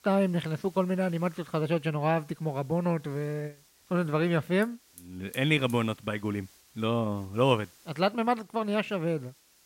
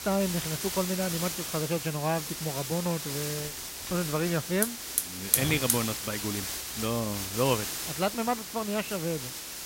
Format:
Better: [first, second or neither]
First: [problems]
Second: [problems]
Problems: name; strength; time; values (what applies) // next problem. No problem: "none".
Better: first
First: hiss; faint; throughout; 25 dB below the speech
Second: hiss; loud; throughout; 1 dB below the speech